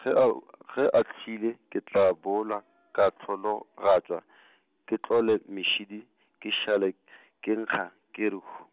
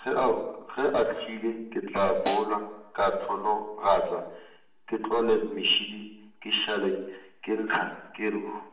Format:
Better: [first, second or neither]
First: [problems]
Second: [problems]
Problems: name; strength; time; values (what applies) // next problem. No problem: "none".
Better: first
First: none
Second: background sound (Snare drum); 11 dB below the speech // room echo; dies away in 0.8 s